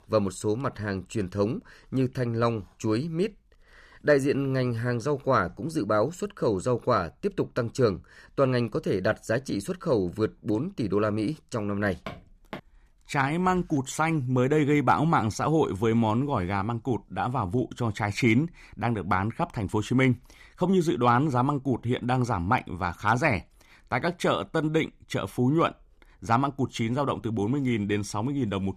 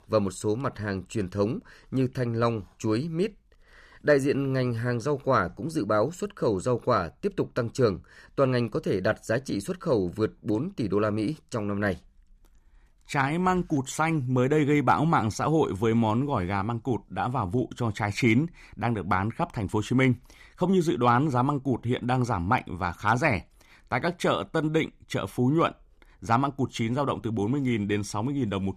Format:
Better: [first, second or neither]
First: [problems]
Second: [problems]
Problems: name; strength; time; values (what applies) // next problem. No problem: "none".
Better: second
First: footsteps; faint; at 12 s; peak 15 dB below the speech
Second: none